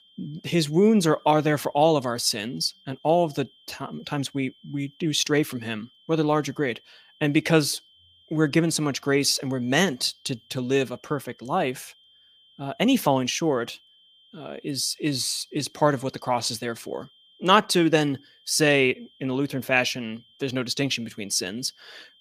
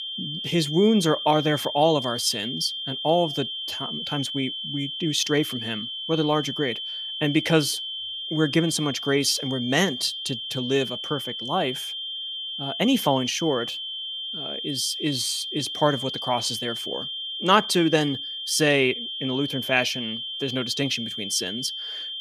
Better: first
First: high-pitched whine; faint; throughout; 3 kHz, 30 dB below the speech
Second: high-pitched whine; loud; throughout; 3 kHz, 5 dB below the speech

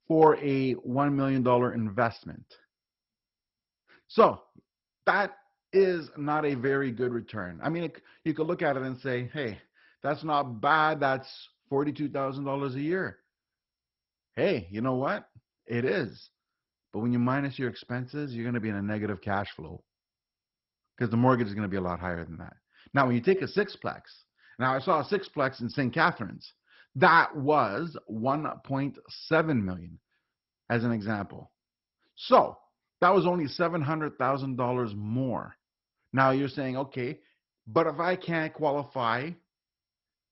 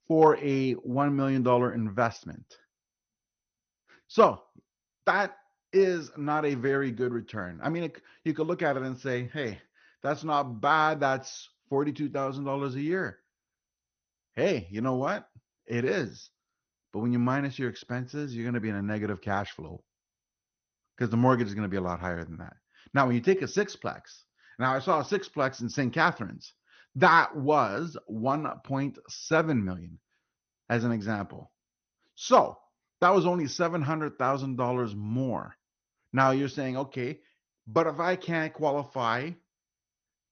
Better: second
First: garbled, watery; badly; nothing above 5.5 kHz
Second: garbled, watery; slightly; nothing above 6.5 kHz

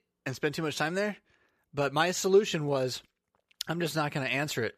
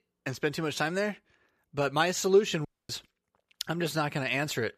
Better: first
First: none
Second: audio cutting out; at 2.5 s

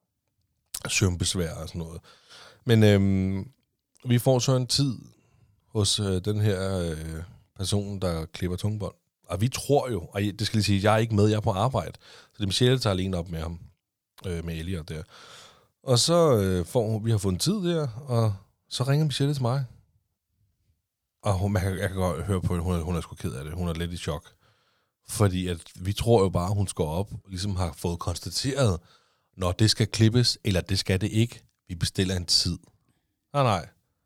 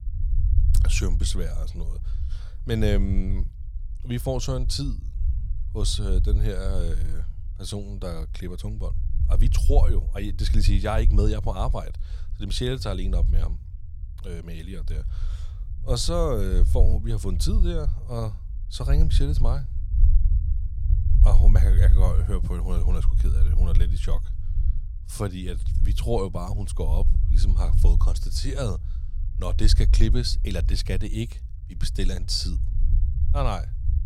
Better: first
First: none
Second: low rumble; noticeable; throughout; 15 dB below the speech

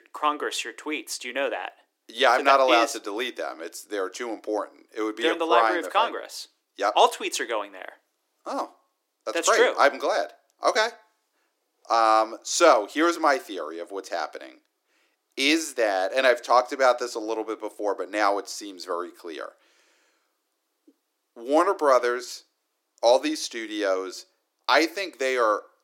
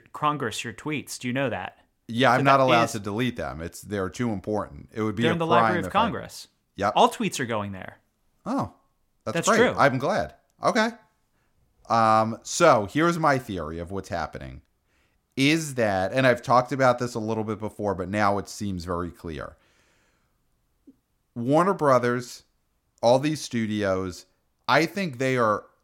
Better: second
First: thin; somewhat; fading below 300 Hz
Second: none

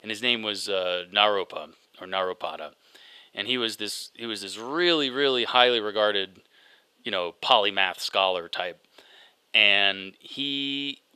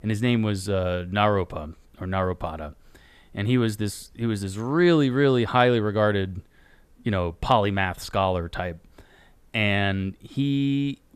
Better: second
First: thin; somewhat; fading below 500 Hz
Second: none

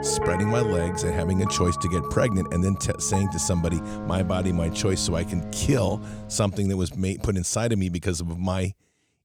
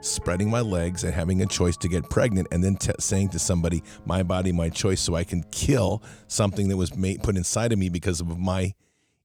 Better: second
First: background music; loud; until 6.5 s; 6 dB below the speech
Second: background music; faint; until 6.5 s; 25 dB below the speech

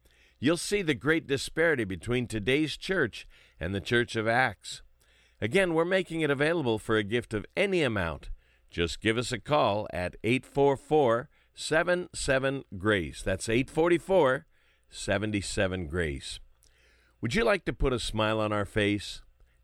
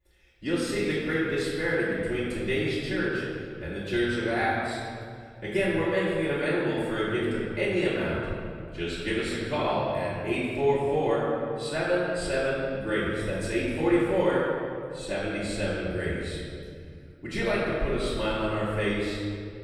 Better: first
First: none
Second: off-mic speech; far // room echo; strong; dies away in 2.1 s

